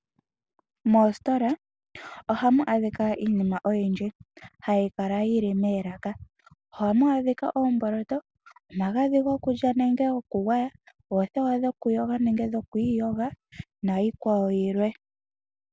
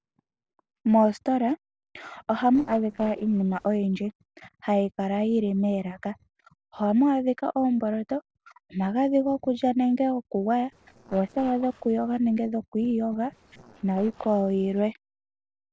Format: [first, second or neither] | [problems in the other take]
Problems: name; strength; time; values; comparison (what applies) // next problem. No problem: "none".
first | noise reduction (neural separator model SepFormer DNS4)